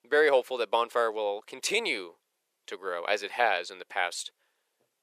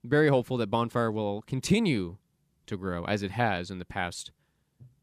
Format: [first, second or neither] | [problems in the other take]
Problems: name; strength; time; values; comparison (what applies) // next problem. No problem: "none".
second | thin; very; fading below 500 Hz